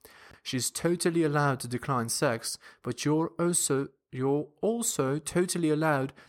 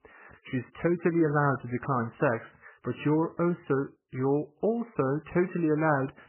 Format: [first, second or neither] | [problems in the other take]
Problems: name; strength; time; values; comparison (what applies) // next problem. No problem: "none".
first | garbled, watery; badly; nothing above 2.5 kHz